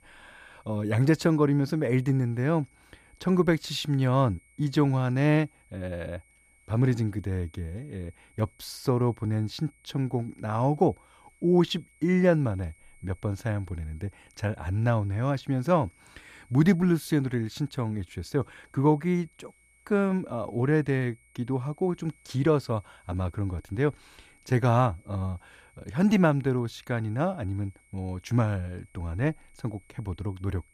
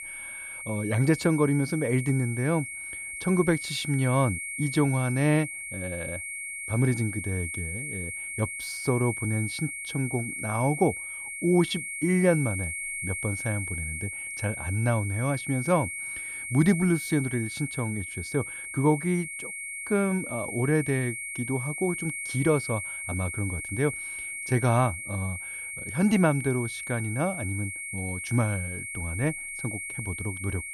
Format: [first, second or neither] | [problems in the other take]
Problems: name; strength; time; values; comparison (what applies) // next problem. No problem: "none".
first | high-pitched whine; loud; throughout; 2 kHz, 5 dB below the speech; faint in the first